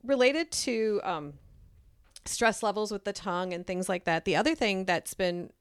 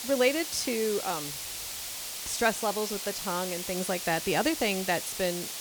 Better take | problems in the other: first | hiss; loud; throughout; 5 dB below the speech

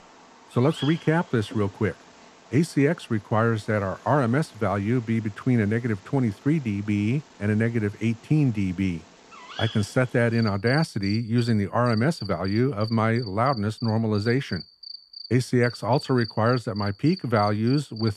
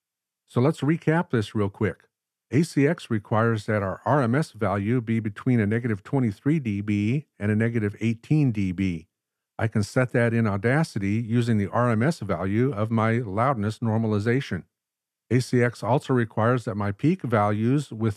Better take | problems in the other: second | animal sounds; noticeable; throughout; 15 dB below the speech

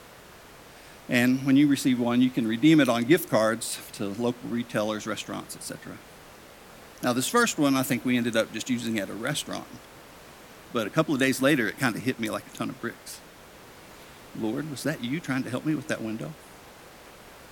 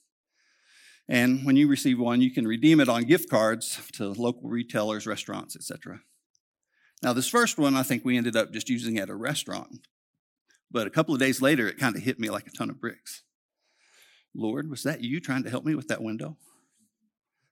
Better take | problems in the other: second | hiss; faint; throughout; 20 dB below the speech

